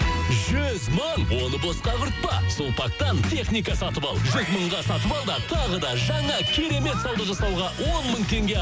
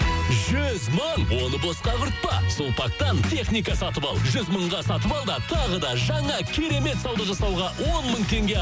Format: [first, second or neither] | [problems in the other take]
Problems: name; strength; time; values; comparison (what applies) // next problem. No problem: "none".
second | background sound (Livestock, farm animals, working animals); 12 dB below the speech